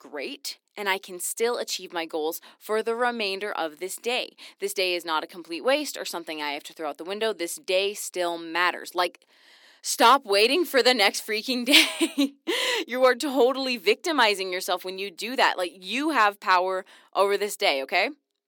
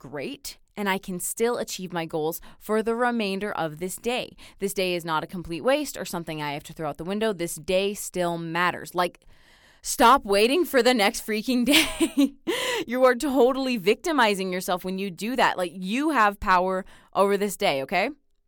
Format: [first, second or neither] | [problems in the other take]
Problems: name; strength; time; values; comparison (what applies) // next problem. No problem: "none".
second | thin; very slightly; fading below 250 Hz